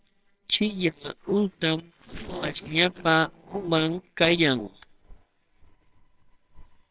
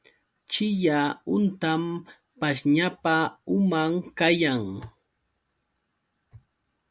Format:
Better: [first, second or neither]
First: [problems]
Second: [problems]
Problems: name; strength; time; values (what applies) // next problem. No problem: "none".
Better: second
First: noise reduction (neural separator model SepFormer WHAMR!)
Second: none